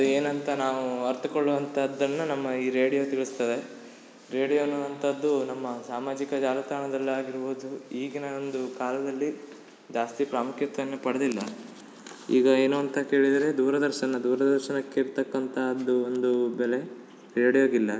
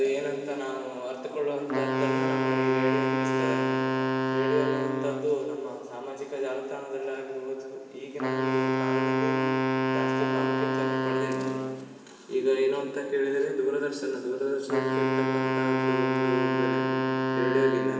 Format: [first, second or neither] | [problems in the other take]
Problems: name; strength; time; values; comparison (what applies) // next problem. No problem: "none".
first | background sound (Wind instrument, woodwind instrument); 2 dB above the speech // room echo; dies away in 2.5 s